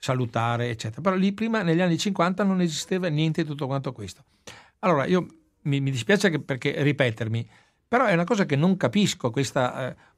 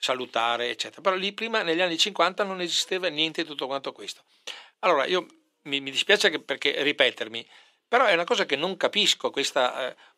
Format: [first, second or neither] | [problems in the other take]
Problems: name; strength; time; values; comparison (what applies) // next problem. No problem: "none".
first | thin; very; fading below 350 Hz